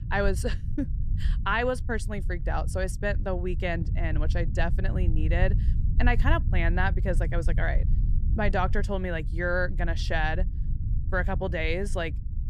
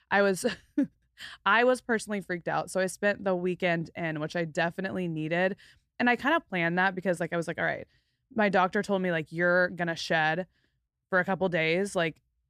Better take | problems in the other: second | low rumble; noticeable; throughout; 15 dB below the speech

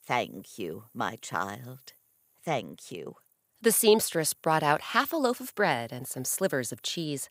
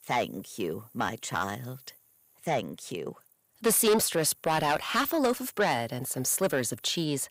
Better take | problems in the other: first | distortion; heavy; 8 dB below the speech

